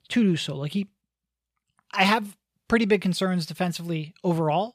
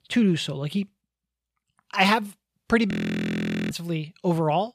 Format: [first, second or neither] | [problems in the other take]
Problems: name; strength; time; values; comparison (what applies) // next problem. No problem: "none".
first | audio freezing; at 3 s for 1 s